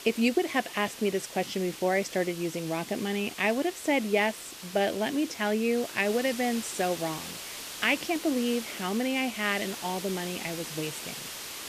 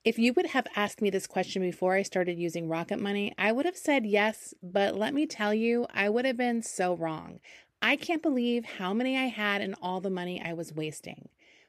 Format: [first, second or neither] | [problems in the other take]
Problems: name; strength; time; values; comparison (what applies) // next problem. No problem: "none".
second | hiss; loud; throughout; 10 dB below the speech